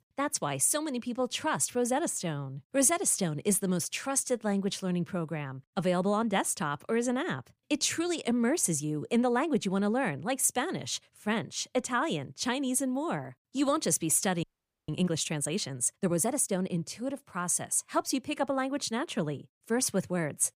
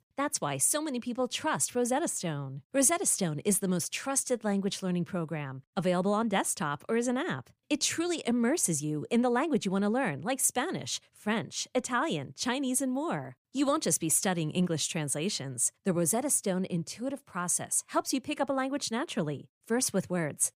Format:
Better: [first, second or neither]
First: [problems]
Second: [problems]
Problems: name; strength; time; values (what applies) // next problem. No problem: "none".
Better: second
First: audio freezing; at 14 s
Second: none